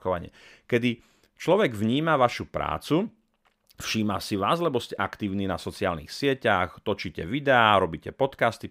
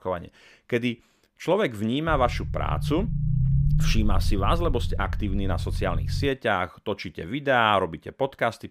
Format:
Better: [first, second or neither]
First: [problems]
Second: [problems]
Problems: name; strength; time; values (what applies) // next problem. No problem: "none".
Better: first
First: none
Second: low rumble; noticeable; from 2 to 6.5 s; 15 dB below the speech